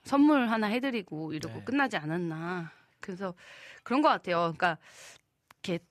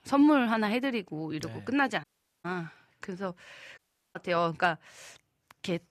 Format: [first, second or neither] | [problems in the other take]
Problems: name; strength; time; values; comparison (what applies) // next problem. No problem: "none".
first | audio cutting out; at 2 s and at 4 s